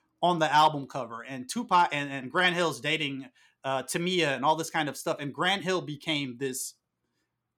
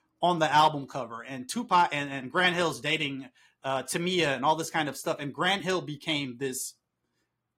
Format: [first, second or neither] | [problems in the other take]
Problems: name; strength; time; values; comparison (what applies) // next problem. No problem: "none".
first | garbled, watery; slightly; nothing above 14.5 kHz